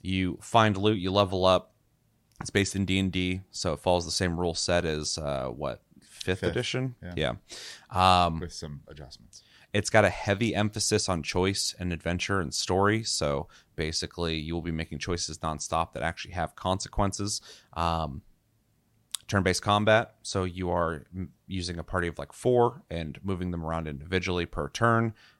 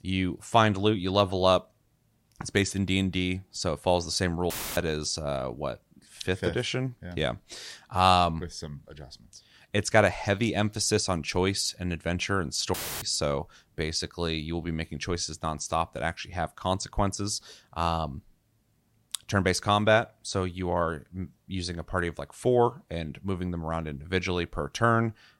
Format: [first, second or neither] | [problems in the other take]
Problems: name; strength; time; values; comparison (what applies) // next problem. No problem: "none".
first | audio cutting out; filled with static; at 4.5 s and at 13 s